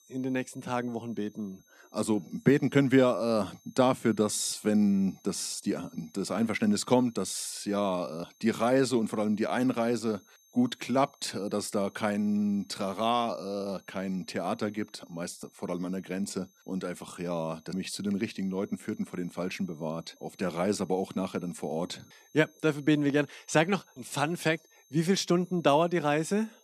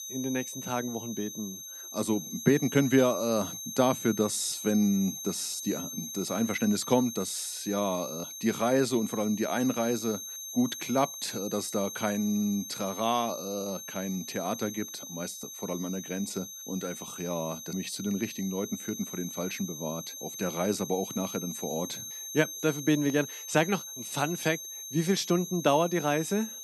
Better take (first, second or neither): first